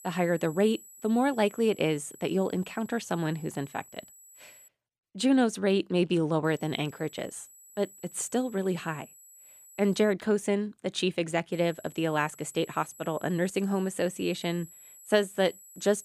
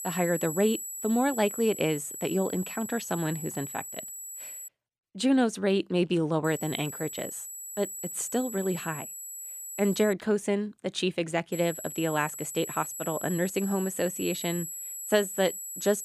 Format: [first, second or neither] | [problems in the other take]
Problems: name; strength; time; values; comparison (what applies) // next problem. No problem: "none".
first | high-pitched whine; loud; until 4.5 s, from 6.5 to 10 s and from 12 s on; 8 kHz, 7 dB below the speech; faint in the first